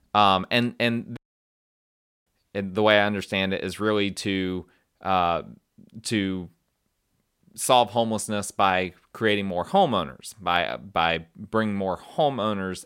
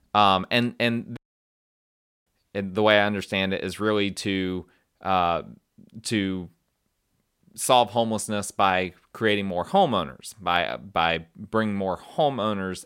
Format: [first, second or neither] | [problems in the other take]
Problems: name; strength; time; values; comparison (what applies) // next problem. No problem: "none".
neither | audio cutting out; at 1 s for 1 s; the same in both